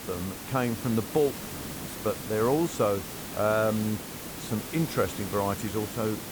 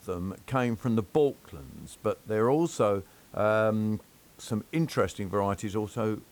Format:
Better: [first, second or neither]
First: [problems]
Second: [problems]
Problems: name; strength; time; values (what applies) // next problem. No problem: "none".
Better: second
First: hiss; loud; throughout; 8 dB below the speech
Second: hiss; faint; throughout; 25 dB below the speech